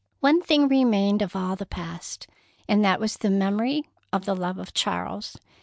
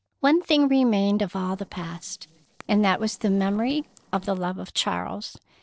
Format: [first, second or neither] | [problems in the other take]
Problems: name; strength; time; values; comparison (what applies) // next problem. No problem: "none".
first | noise reduction (neural separator model SepFormer DNS4)